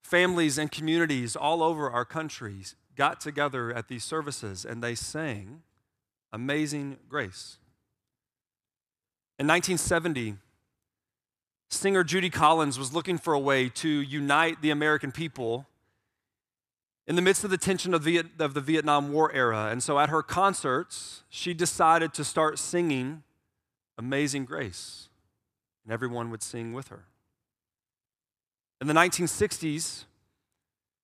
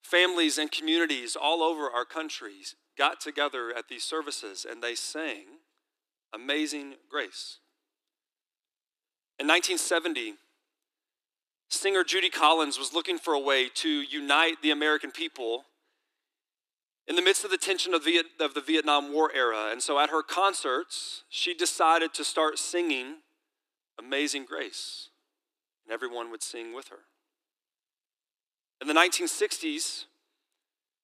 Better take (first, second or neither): first